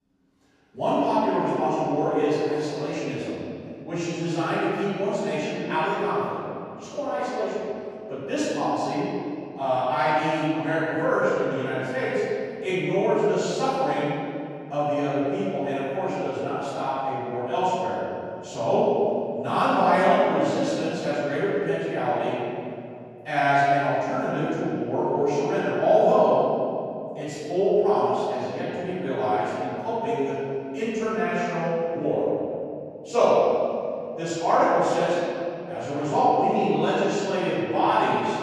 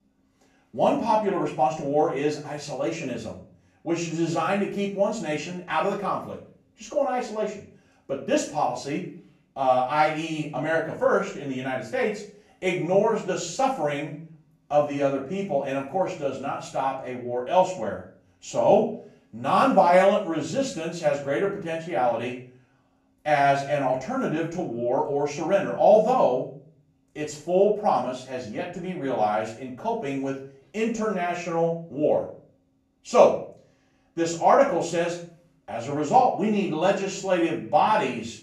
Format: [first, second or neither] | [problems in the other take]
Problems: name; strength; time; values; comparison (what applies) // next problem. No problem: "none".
second | room echo; strong; dies away in 2.7 s; slight in the second // off-mic speech; far; far in the second